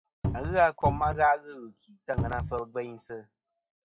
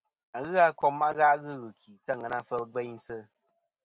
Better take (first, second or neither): second